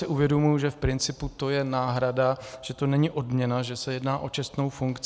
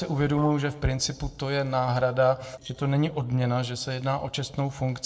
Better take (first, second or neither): first